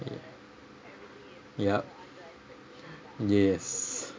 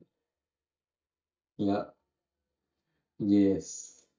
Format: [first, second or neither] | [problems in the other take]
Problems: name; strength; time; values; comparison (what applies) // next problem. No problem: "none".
first | noise reduction (neural mask model DeepFilterNet 3)